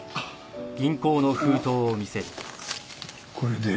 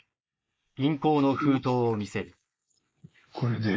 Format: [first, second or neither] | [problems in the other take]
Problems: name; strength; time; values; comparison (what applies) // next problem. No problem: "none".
first | noise reduction (neural mask model Resemble Enhance denoiser)